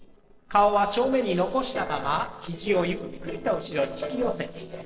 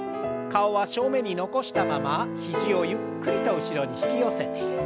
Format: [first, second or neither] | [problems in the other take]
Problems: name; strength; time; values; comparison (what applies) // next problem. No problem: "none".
second | noise reduction (neural separator model SepFormer DNS4)